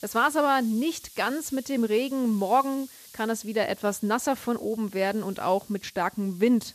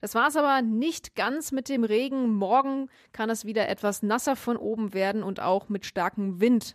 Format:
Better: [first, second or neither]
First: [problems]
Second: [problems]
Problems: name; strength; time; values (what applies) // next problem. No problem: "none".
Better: second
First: hiss; faint; throughout; 20 dB below the speech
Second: none